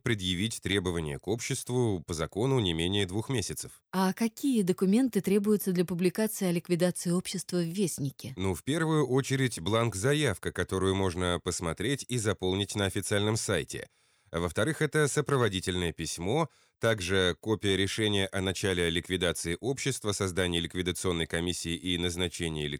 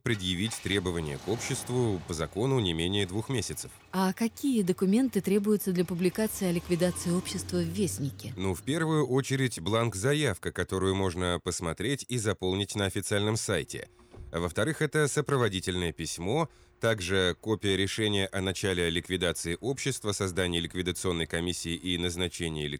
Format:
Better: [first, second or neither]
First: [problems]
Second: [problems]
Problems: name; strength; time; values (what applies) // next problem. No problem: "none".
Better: first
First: none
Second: traffic noise; noticeable; throughout; 20 dB below the speech